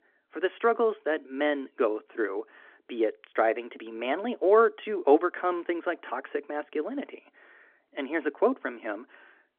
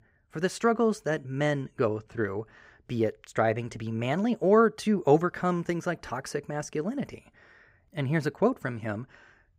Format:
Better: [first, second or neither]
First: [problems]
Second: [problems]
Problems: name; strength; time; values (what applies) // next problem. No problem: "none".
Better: second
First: phone-call audio; nothing above 3.5 kHz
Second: none